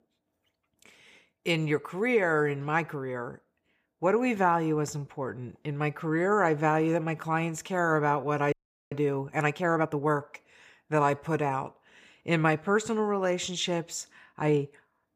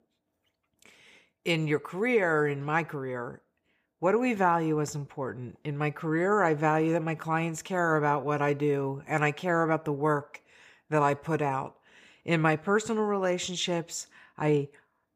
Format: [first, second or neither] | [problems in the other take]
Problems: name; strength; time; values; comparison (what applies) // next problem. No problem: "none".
second | audio freezing; at 8.5 s